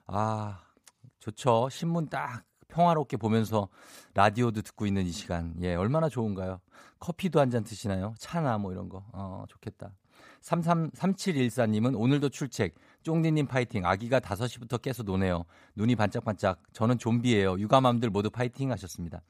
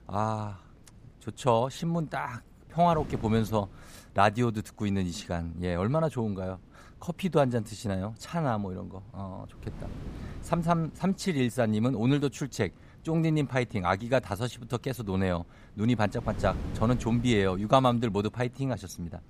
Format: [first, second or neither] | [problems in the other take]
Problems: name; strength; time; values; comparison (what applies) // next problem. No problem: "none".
first | wind noise on the microphone; occasional gusts; 25 dB below the speech